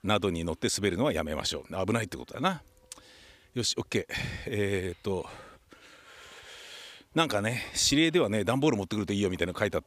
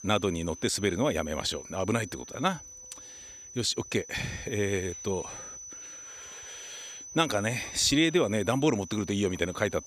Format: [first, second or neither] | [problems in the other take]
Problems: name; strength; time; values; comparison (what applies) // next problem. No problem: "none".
first | high-pitched whine; noticeable; throughout; 6 kHz, 15 dB below the speech